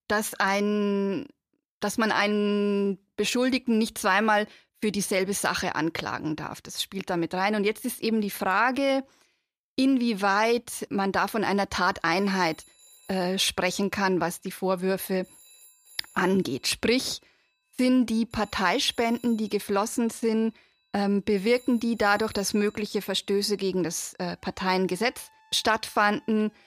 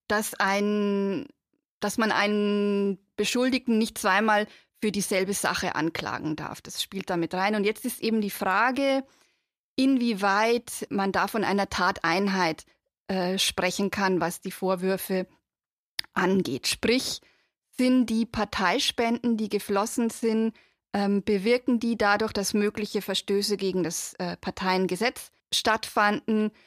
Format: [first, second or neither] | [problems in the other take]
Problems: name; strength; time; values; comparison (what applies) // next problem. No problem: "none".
second | alarms or sirens; faint; from 12 s on; 25 dB below the speech